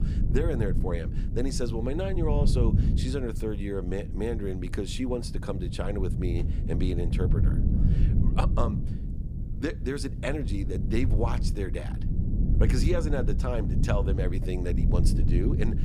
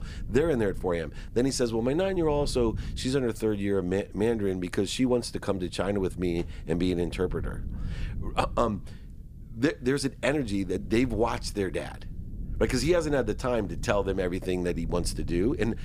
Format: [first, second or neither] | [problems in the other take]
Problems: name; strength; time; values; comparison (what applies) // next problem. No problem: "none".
second | low rumble; loud; throughout; 7 dB below the speech; faint in the second